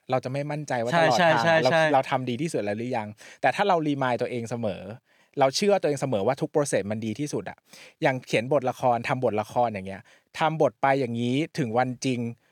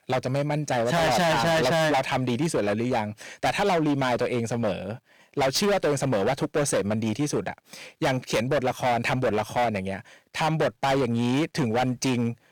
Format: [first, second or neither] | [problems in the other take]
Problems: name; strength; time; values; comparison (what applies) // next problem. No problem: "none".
first | distortion; heavy; 21% of the sound clipped